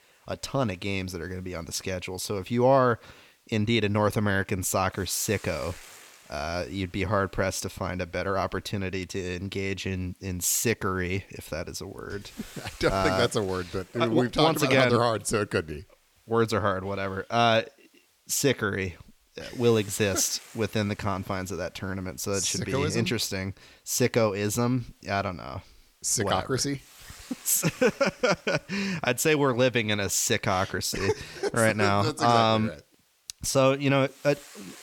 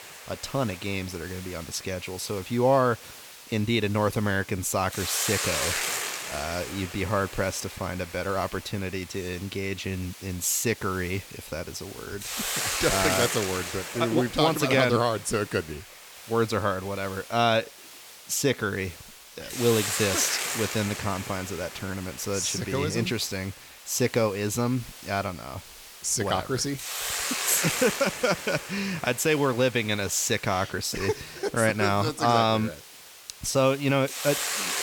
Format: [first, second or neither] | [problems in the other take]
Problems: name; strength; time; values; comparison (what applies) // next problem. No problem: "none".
first | hiss; loud; throughout; 6 dB below the speech; faint in the first